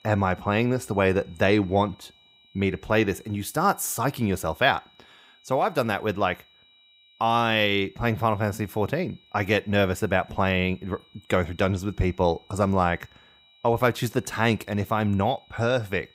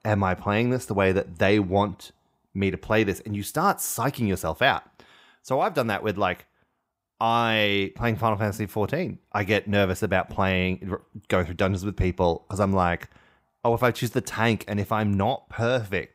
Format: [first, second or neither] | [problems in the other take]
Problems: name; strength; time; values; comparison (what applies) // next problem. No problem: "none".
second | high-pitched whine; faint; throughout; 4 kHz, 30 dB below the speech